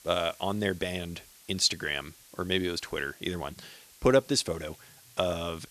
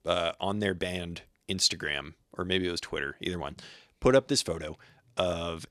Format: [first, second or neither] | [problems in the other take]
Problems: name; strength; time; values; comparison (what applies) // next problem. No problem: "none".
second | hiss; faint; throughout; 25 dB below the speech